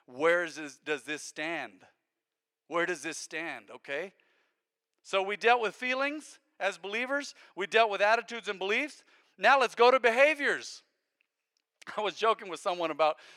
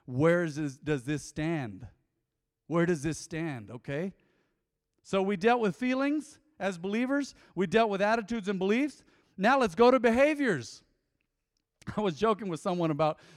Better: second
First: thin; very; fading below 600 Hz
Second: none

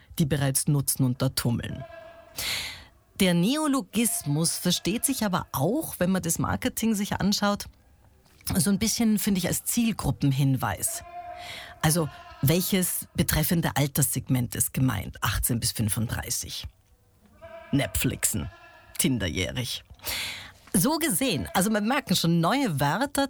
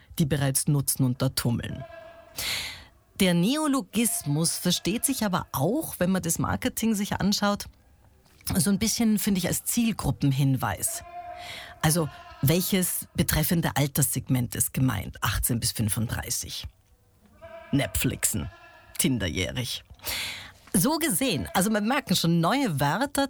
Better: neither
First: animal sounds; faint; throughout; 25 dB below the speech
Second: animal sounds; faint; throughout; 25 dB below the speech

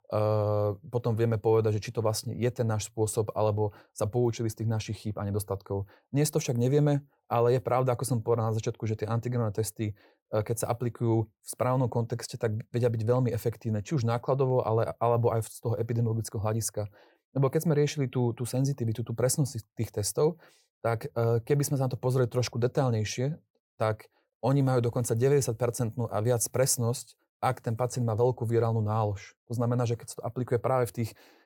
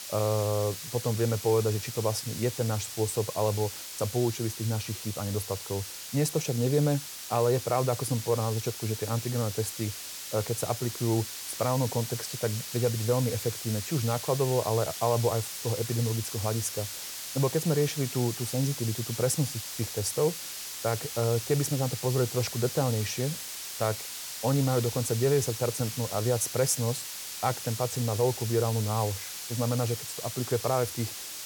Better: first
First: none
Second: hiss; loud; throughout; 6 dB below the speech

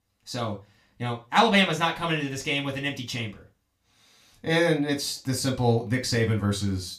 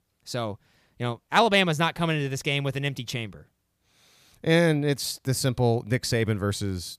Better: second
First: room echo; very slight; dies away in 0.3 s // off-mic speech; somewhat distant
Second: none

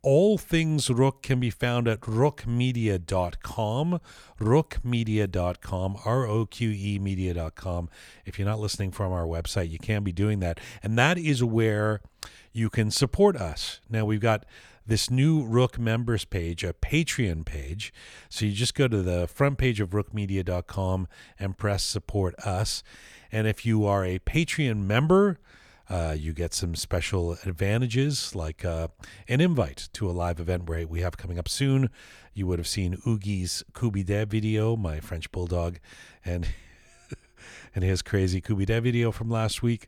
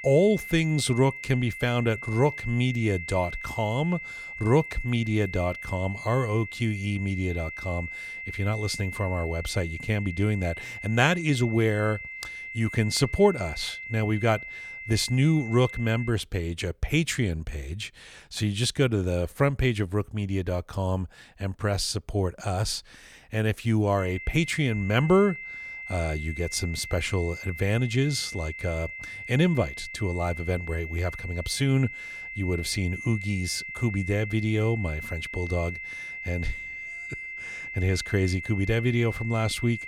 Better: first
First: none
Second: high-pitched whine; loud; until 16 s and from 24 s on; 2 kHz, 9 dB below the speech

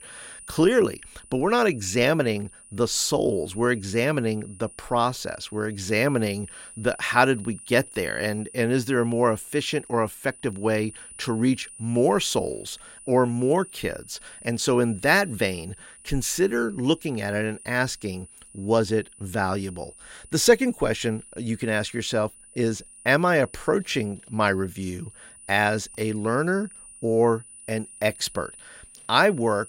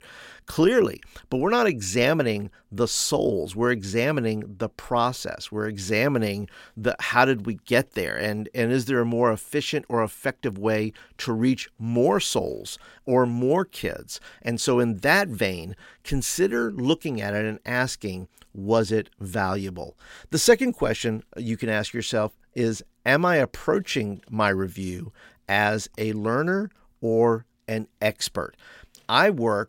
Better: second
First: high-pitched whine; noticeable; throughout; 9.5 kHz, 20 dB below the speech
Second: none

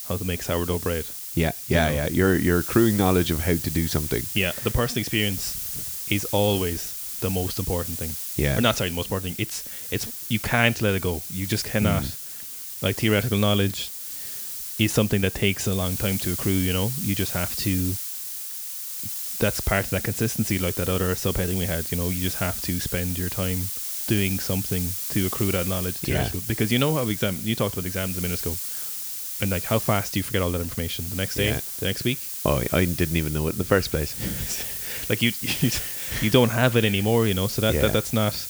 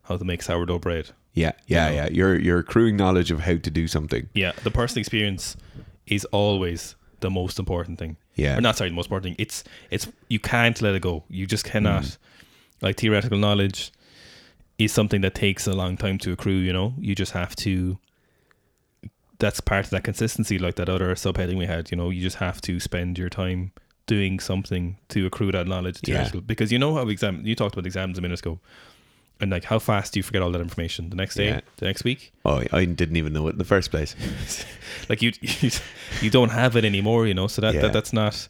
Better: second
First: hiss; loud; throughout; 5 dB below the speech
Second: none

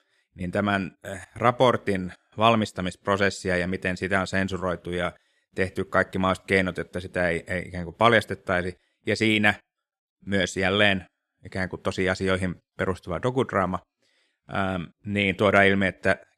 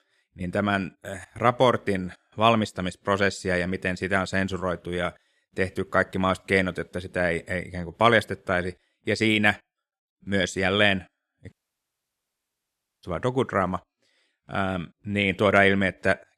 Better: first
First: none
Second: audio cutting out; at 12 s for 1.5 s

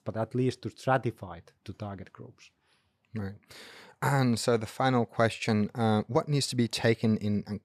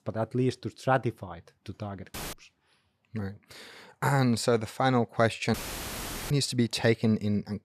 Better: first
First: none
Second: audio cutting out; filled with static; at 2 s and at 5.5 s for 1 s

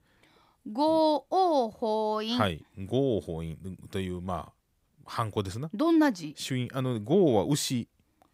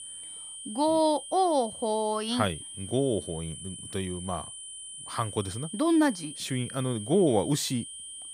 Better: first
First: none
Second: high-pitched whine; noticeable; throughout; 9.5 kHz, 10 dB below the speech

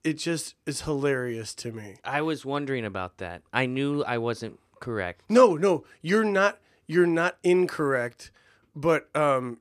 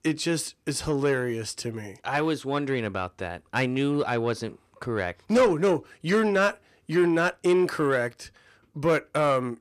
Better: first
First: none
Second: distortion; slight; 10 dB below the speech

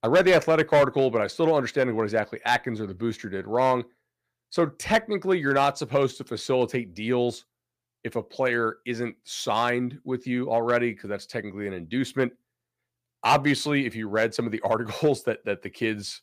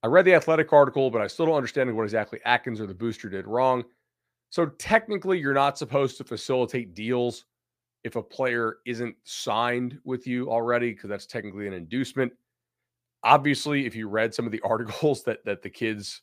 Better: second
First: distortion; slight; 1.6% of the sound clipped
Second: none

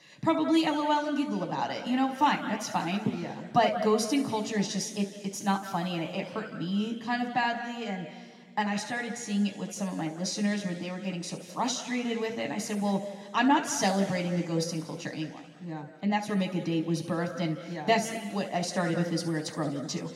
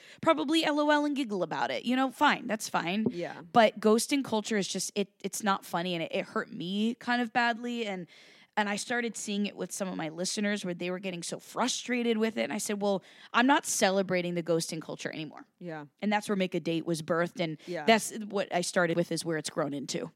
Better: second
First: room echo; noticeable; dies away in 1.9 s // off-mic speech; somewhat distant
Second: none

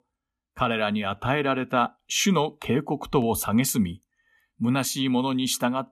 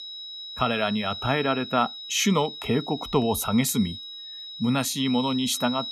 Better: first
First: none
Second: high-pitched whine; loud; throughout; 4 kHz, 10 dB below the speech

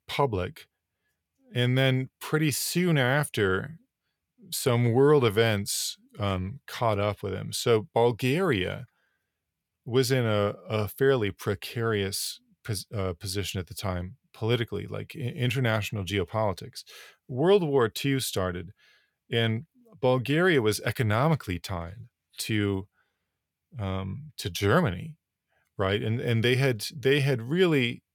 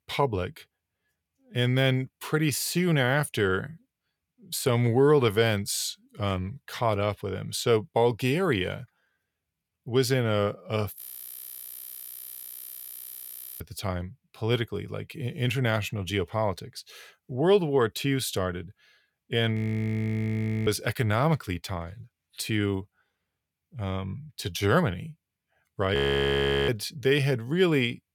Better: first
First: none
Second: audio freezing; at 11 s for 2.5 s, at 20 s for 1 s and at 26 s for 0.5 s

